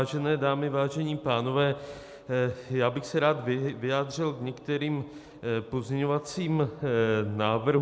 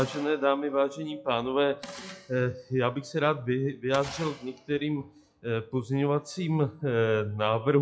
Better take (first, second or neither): first